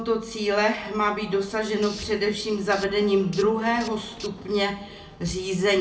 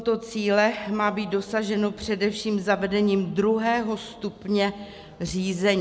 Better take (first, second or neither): second